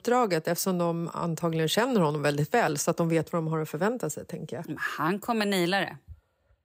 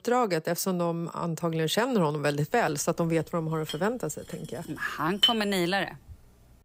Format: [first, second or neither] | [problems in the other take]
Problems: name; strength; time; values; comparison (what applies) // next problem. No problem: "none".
first | clattering dishes; loud; from 3.5 to 5.5 s; peak 5 dB above the speech